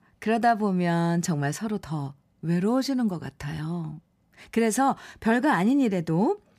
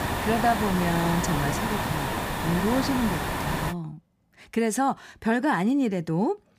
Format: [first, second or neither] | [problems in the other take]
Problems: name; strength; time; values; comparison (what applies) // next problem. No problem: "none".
first | hiss; loud; until 3.5 s; 2 dB below the speech